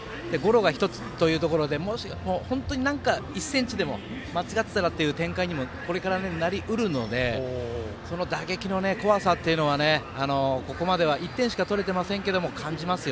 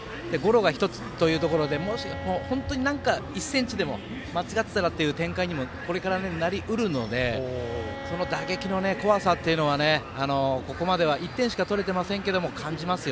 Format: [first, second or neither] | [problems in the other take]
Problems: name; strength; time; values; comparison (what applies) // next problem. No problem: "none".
first | background sound (Bowed string instrument); 17 dB below the speech